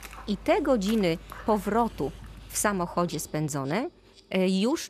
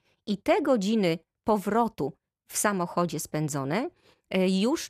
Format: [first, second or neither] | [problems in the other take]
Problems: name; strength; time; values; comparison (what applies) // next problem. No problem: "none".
second | animal sounds; noticeable; throughout; 20 dB below the speech